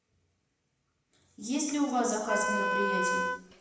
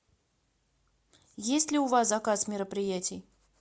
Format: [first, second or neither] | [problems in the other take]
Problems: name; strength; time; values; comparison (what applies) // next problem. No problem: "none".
second | background sound (Wind instrument, woodwind instrument); 3 dB above the speech // room echo; dies away in 0.9 s